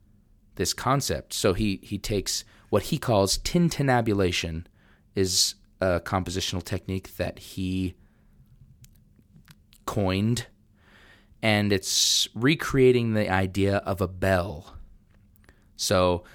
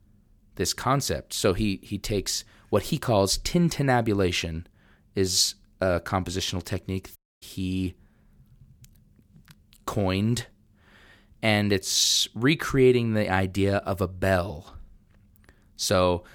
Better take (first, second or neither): first